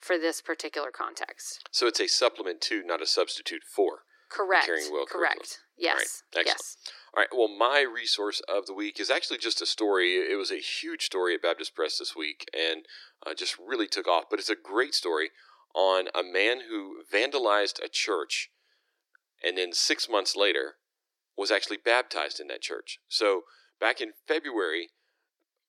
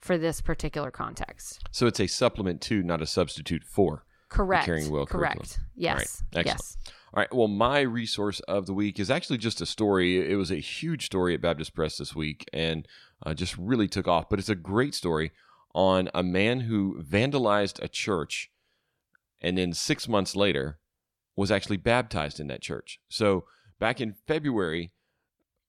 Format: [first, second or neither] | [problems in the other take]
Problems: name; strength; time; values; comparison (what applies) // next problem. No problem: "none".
second | thin; very; fading below 300 Hz